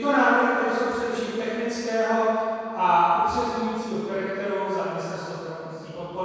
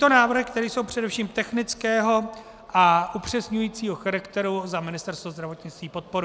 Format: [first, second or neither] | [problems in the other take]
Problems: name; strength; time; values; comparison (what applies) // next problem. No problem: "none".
second | room echo; dies away in 2.2 s